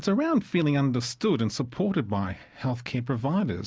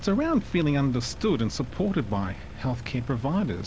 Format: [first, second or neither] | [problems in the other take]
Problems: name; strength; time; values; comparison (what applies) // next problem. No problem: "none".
first | background sound (Engine); 13 dB below the speech